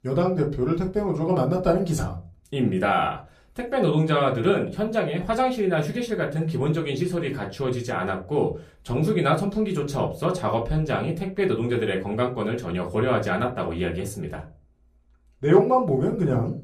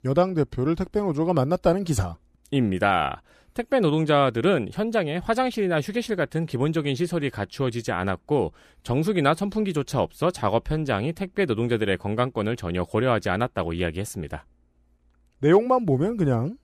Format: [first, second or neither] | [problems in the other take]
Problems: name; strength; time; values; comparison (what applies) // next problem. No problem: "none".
second | off-mic speech; far // room echo; very slight; dies away in 0.3 s